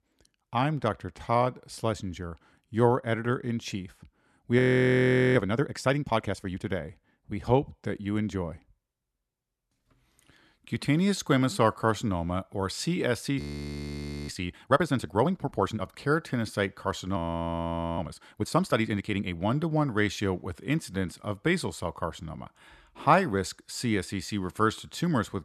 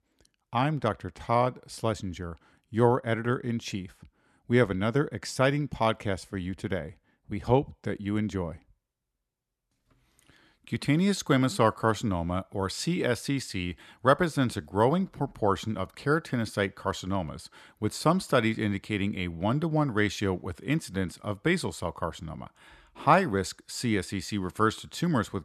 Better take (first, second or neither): second